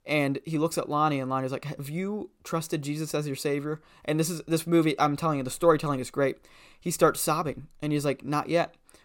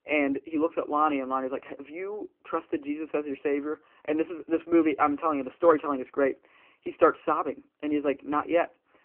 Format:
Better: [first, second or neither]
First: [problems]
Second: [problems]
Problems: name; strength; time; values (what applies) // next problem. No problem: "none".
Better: first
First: none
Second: phone-call audio; poor line